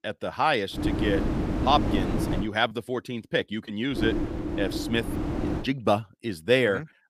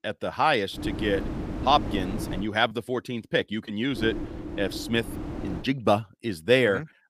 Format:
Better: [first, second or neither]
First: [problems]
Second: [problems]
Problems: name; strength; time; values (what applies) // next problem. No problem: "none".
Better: second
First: wind noise on the microphone; heavy; from 1 to 2.5 s and from 4 to 5.5 s; 6 dB below the speech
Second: wind noise on the microphone; occasional gusts; from 1 to 2.5 s and from 4 to 5.5 s; 10 dB below the speech